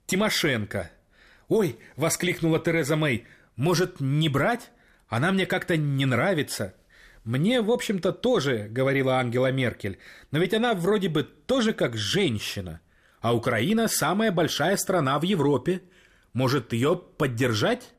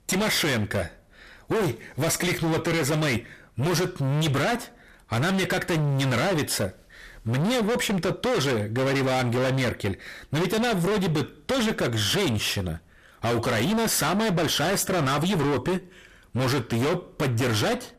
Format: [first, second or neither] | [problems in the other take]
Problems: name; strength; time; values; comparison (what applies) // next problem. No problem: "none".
first | distortion; heavy; 36% of the sound clipped